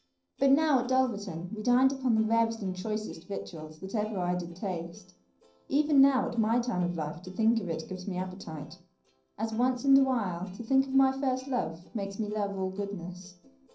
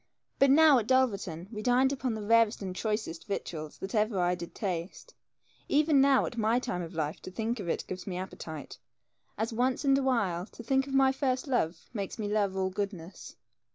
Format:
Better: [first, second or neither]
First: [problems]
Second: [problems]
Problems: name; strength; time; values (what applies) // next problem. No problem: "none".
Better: second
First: noise reduction (neural separator model SepFormer DNS4)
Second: none